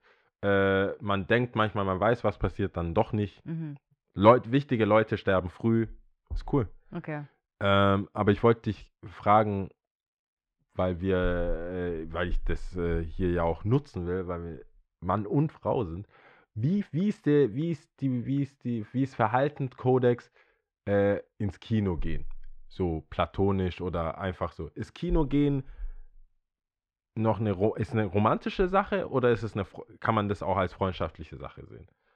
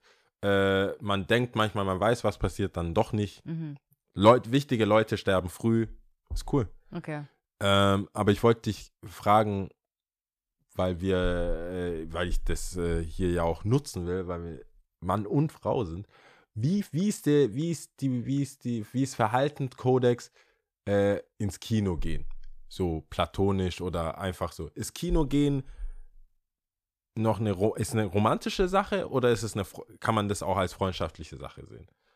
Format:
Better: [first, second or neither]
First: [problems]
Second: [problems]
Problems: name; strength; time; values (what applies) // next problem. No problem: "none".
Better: second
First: muffled; slightly; fading above 2.5 kHz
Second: none